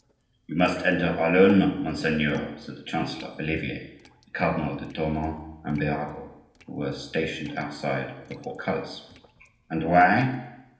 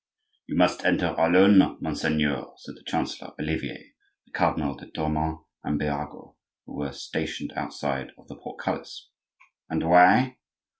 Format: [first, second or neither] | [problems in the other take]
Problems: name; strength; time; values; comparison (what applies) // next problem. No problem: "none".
second | noise reduction (neural separator model SepFormer DNS4)